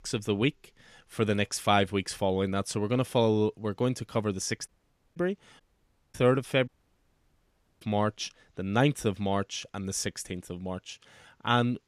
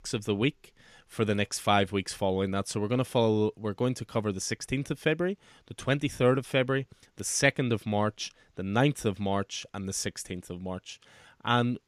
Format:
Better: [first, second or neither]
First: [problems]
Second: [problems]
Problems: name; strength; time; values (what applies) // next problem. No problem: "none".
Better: second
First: audio cutting out; at 4.5 s, at 5.5 s for 0.5 s and at 6.5 s for 1 s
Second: none